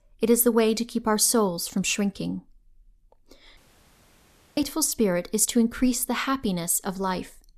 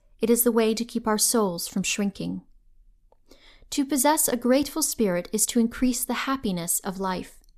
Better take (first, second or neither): second